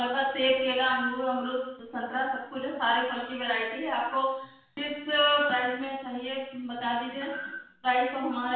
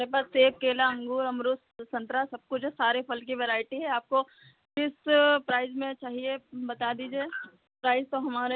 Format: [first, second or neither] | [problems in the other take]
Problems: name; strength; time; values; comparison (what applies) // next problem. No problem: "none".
second | room echo; dies away in 0.7 s